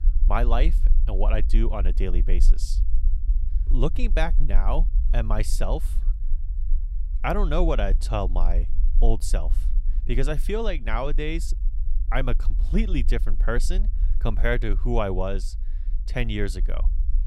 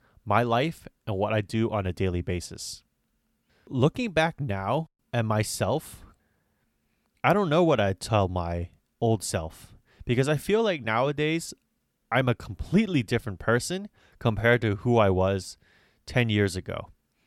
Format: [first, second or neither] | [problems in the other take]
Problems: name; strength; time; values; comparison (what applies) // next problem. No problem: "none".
second | low rumble; faint; throughout; 20 dB below the speech